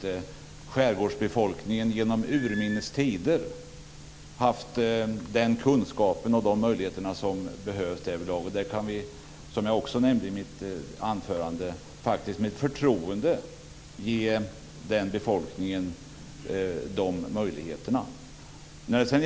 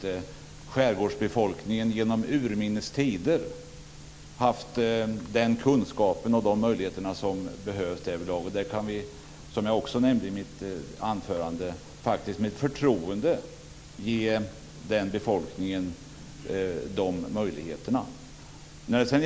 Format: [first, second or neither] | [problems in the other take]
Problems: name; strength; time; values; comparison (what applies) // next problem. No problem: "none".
second | background sound (Squeak / Screech); 16 dB below the speech